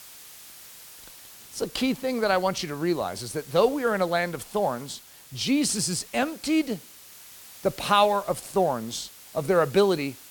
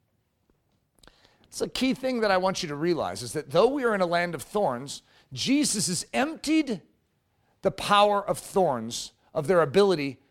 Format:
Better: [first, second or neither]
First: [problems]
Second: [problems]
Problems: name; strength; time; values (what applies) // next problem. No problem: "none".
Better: second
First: hiss; noticeable; throughout; 20 dB below the speech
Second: none